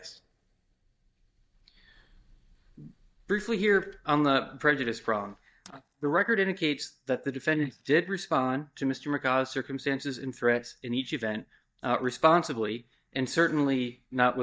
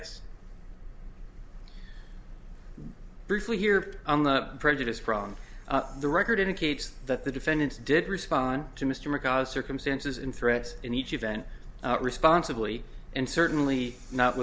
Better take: second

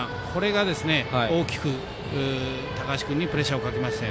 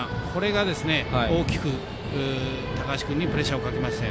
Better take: first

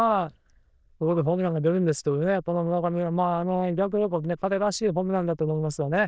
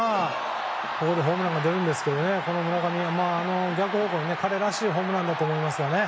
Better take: second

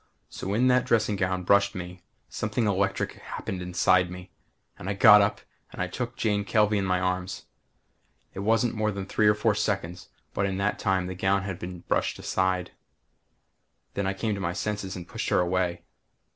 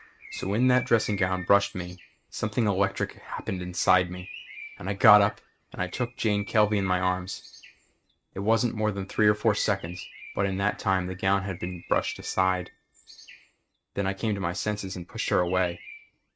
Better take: first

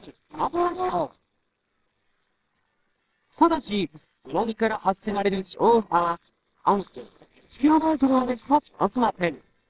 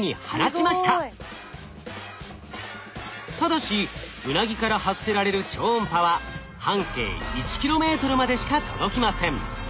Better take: second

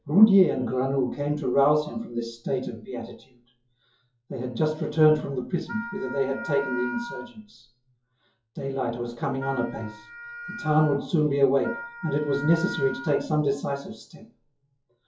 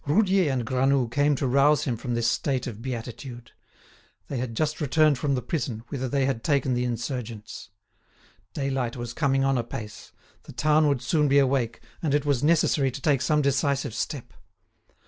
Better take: second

